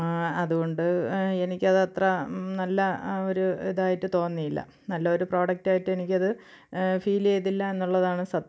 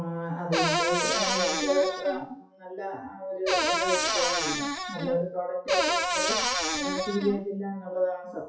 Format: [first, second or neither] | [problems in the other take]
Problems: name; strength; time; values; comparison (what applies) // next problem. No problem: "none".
first | noise reduction (classical method WPE with log-MMSE)